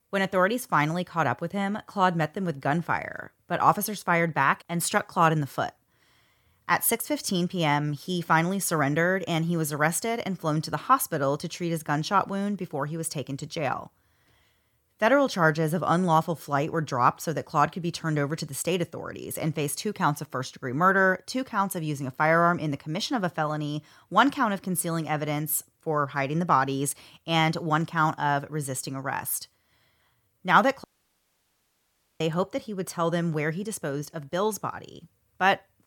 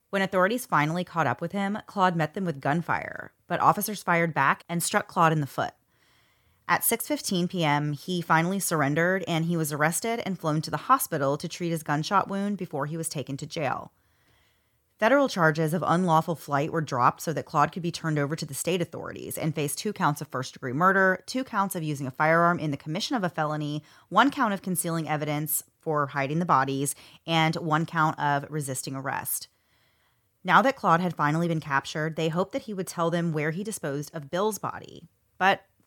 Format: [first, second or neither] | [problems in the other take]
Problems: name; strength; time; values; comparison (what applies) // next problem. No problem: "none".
second | audio cutting out; at 31 s for 1.5 s